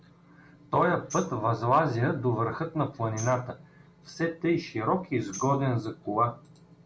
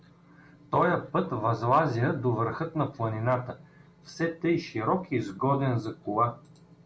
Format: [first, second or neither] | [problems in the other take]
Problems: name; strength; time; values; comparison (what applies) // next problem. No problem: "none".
second | background sound (Tambourine); 20 dB below the speech